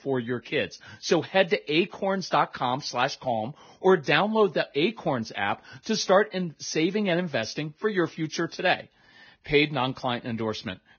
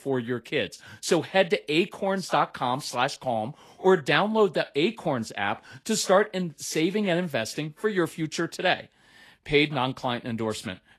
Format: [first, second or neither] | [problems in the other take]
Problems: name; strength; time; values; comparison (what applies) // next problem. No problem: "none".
second | garbled, watery; badly; nothing above 6.5 kHz; slightly in the second